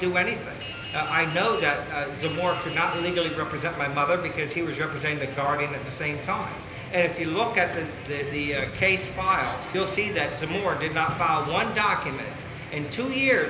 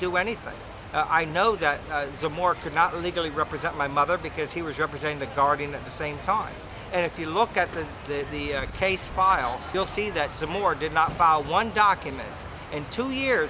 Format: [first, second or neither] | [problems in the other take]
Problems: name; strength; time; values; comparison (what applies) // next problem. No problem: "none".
second | background sound (Drip); 13 dB below the speech // room echo; dies away in 0.8 s